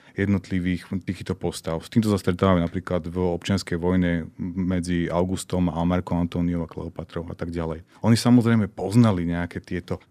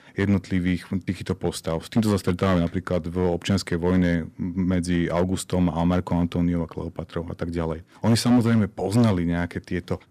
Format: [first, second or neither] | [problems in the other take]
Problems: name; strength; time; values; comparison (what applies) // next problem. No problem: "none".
first | distortion; slight; 4% of the sound clipped